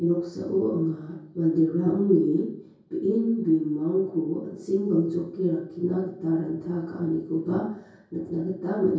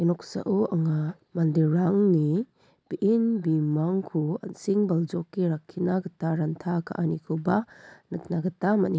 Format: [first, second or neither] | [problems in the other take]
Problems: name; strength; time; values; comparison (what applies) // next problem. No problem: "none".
second | room echo; dies away in 0.6 s